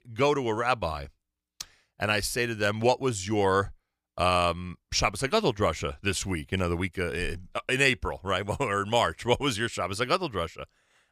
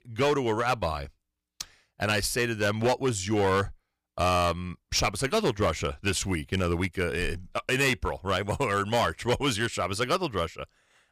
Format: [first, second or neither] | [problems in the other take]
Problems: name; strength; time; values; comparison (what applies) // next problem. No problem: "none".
first | distortion; slight; 5% of the sound clipped